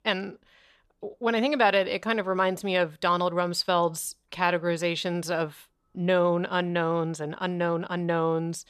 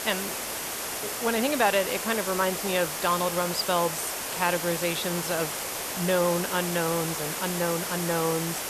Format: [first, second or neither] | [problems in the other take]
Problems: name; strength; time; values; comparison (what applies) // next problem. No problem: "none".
first | hiss; loud; throughout; 3 dB below the speech